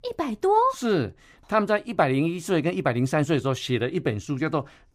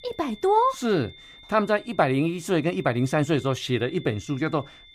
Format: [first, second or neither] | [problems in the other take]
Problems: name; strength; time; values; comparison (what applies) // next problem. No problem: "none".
first | high-pitched whine; faint; throughout; 3.5 kHz, 20 dB below the speech